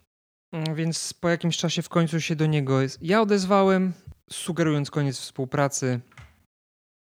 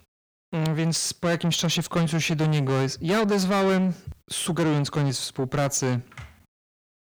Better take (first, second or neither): first